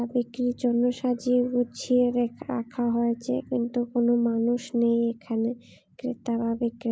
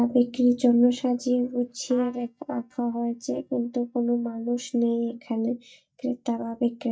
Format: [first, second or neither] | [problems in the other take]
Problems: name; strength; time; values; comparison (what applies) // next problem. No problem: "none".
first | noise reduction (neural mask model DeepFilterNet 3)